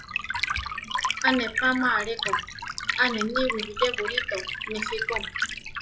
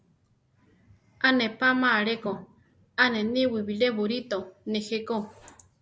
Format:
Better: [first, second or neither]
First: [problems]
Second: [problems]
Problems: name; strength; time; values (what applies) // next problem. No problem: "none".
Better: second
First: noise reduction (classical method log-MMSE)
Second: none